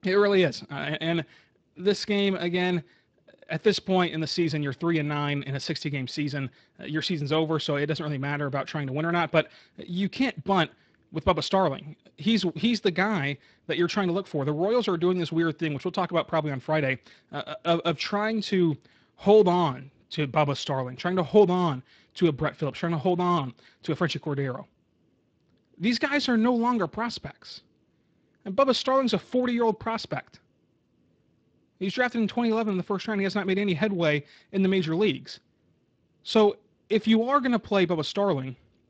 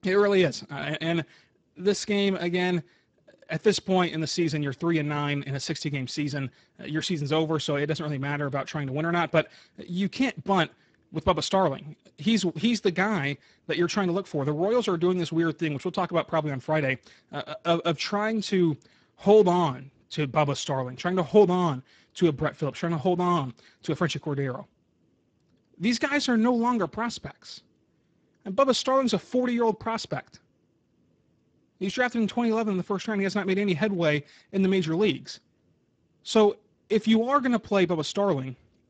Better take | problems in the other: first | garbled, watery; badly; nothing above 7.5 kHz; slightly in the first

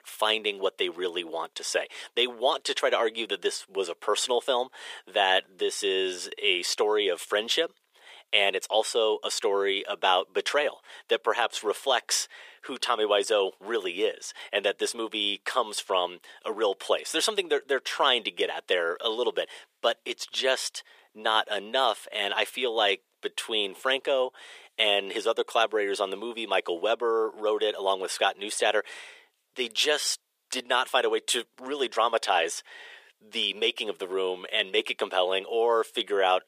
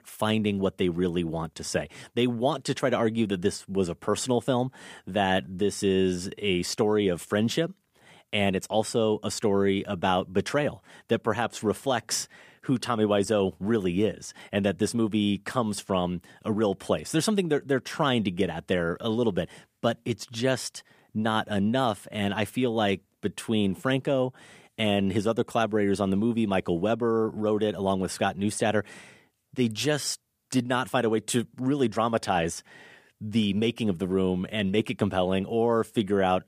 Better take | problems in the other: second | thin; very; fading below 450 Hz

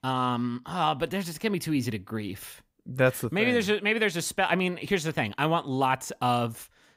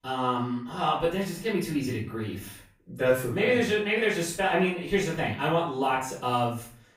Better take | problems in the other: first | off-mic speech; far // room echo; noticeable; dies away in 0.4 s

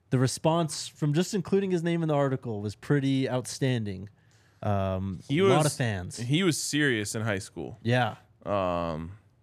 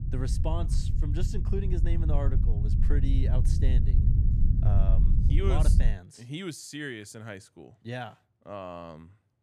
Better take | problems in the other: first | low rumble; loud; until 6 s; 4 dB below the speech

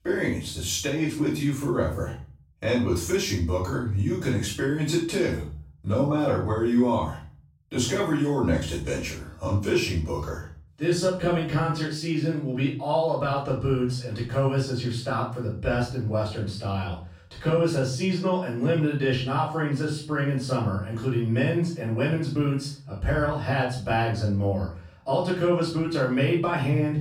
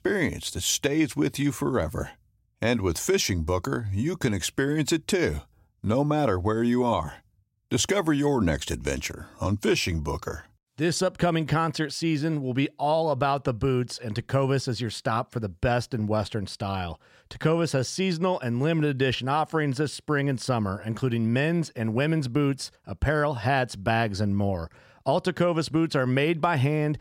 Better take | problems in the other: second | off-mic speech; far // room echo; noticeable; dies away in 0.4 s

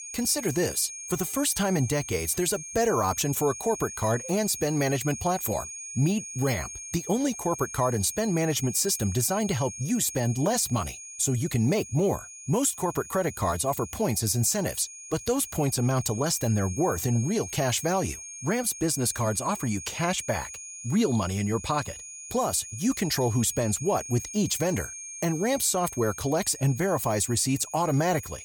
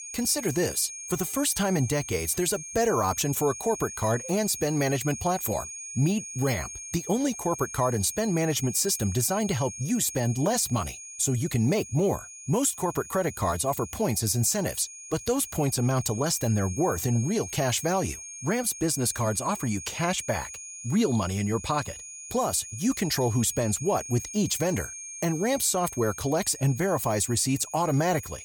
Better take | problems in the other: neither | high-pitched whine; noticeable; throughout; 6.5 kHz, 10 dB below the speech; the same in both

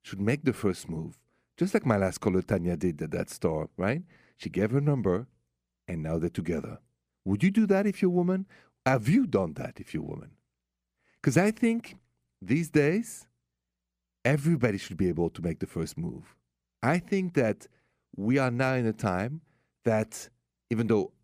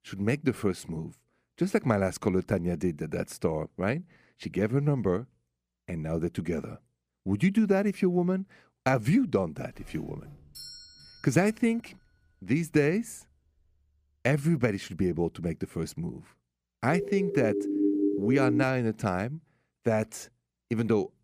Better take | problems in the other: first | doorbell; faint; from 9.5 to 13 s; peak 15 dB below the speech // siren; loud; from 17 to 19 s; peak 3 dB above the speech

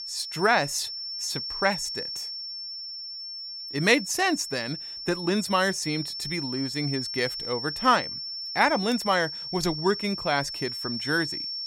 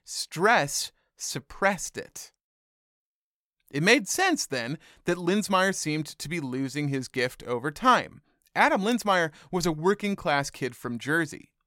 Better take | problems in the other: second | high-pitched whine; loud; throughout; 5.5 kHz, 6 dB below the speech

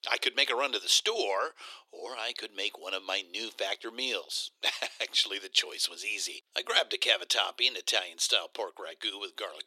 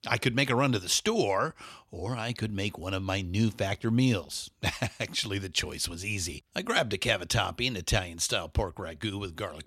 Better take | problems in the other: second | thin; very; fading below 350 Hz

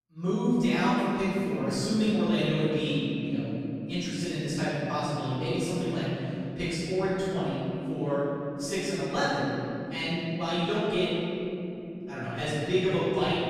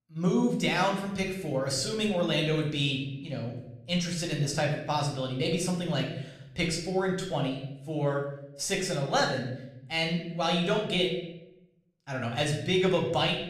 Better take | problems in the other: second | room echo; strong; dies away in 3 s; slight in the second // off-mic speech; far; somewhat distant in the second

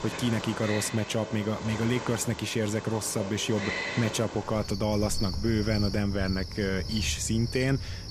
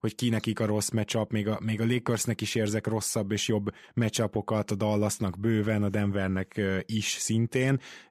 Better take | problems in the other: second | animal sounds; loud; throughout; 7 dB below the speech

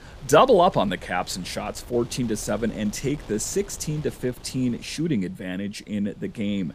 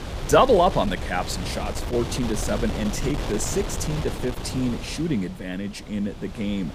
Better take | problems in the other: first | wind noise on the microphone; heavy; 9 dB below the speech; occasional gusts in the first

